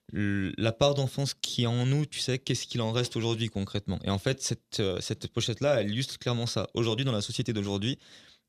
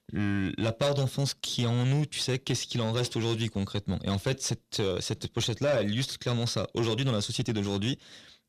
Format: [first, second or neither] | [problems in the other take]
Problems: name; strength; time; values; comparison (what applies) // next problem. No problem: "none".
first | distortion; slight; 10 dB below the speech